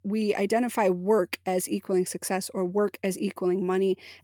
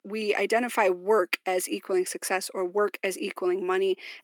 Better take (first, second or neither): first